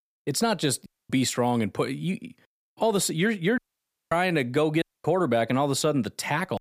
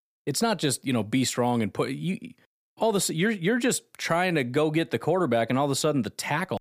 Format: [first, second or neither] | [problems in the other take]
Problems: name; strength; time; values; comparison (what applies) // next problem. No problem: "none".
second | audio cutting out; at 1 s, at 3.5 s for 0.5 s and at 5 s